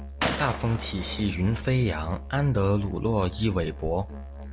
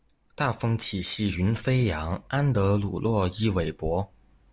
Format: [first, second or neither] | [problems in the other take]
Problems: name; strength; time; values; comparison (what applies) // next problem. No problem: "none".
second | background sound (Gunshot, gunfire + Musical instrument); 8 dB below the speech